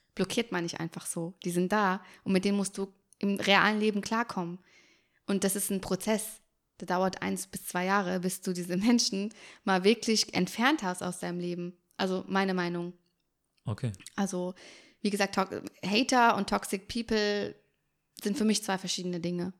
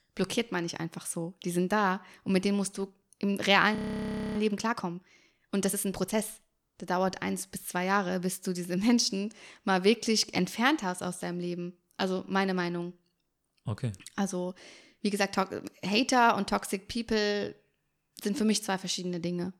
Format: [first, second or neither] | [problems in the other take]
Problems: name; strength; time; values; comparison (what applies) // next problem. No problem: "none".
first | audio freezing; at 4 s for 0.5 s